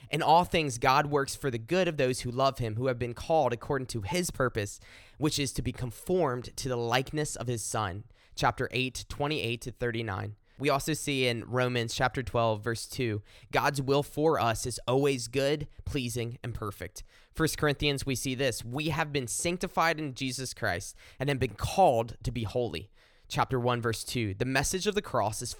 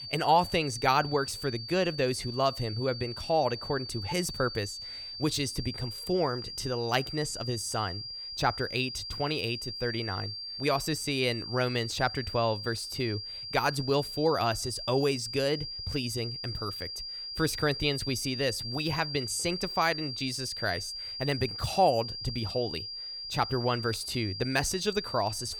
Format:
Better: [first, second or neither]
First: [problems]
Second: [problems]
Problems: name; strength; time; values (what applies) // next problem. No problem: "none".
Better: first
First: none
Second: high-pitched whine; loud; throughout; 4.5 kHz, 6 dB below the speech